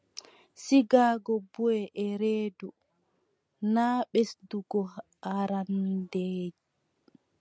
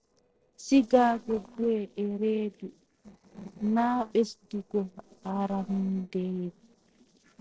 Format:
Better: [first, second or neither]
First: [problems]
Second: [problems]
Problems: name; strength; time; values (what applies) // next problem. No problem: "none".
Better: first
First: none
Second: noise reduction (neural separator model SepFormer DNS4)